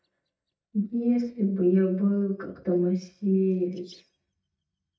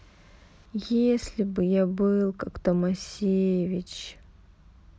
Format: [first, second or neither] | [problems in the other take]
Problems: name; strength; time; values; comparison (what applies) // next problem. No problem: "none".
second | noise reduction (neural mask model DeepFilterNet 3)